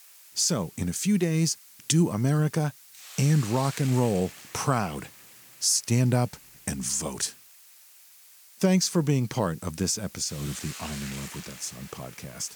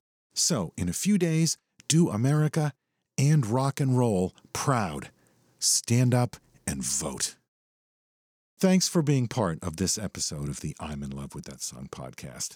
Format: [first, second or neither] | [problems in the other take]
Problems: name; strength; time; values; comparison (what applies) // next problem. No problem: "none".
second | hiss; noticeable; throughout; 20 dB below the speech